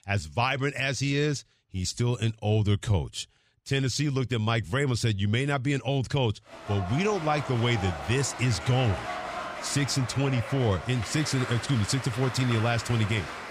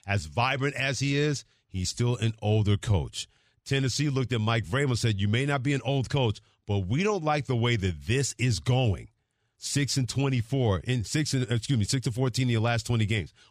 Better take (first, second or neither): second